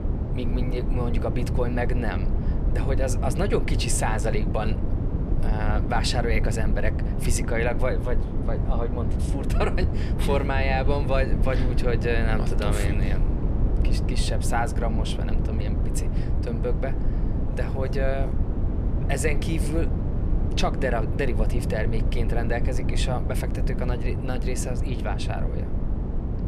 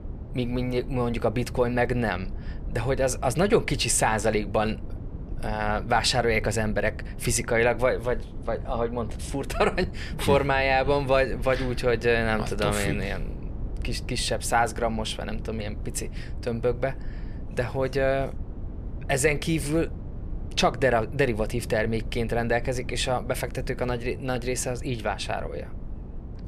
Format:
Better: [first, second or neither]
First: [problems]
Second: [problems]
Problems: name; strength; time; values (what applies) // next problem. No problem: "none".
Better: second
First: low rumble; loud; throughout; 7 dB below the speech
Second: low rumble; faint; throughout; 20 dB below the speech